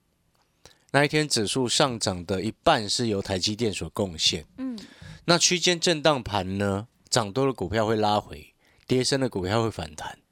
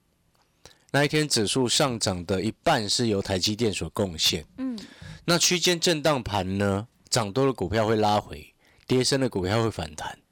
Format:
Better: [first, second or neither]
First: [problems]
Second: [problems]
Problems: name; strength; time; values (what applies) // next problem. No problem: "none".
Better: first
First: none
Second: distortion; slight; 3% of the sound clipped